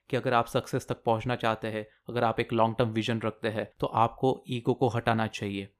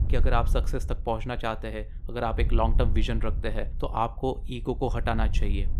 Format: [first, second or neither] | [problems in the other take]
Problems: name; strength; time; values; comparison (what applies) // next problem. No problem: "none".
first | wind noise on the microphone; occasional gusts; 20 dB below the speech